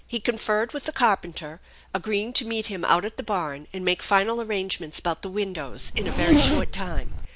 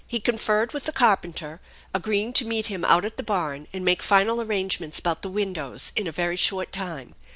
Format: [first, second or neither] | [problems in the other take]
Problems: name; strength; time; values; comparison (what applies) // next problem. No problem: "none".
second | background sound (Zipper (clothing)); 5 dB above the speech